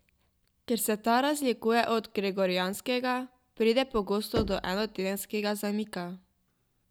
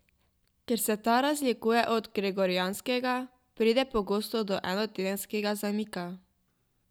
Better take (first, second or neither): second